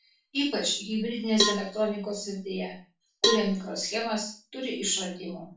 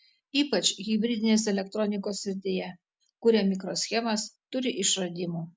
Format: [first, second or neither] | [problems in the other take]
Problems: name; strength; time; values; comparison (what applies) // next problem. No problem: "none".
second | background sound (Cowbell); 3 dB below the speech // room echo; dies away in 0.3 s